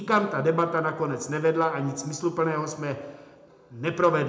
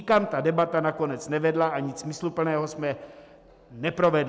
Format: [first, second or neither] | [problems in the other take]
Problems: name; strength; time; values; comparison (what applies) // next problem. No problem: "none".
second | room echo; dies away in 0.6 s